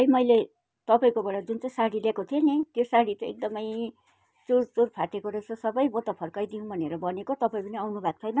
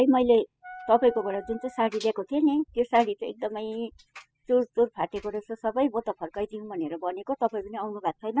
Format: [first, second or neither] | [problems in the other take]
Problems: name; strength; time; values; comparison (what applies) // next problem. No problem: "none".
first | noise reduction (classical method spectral subtraction)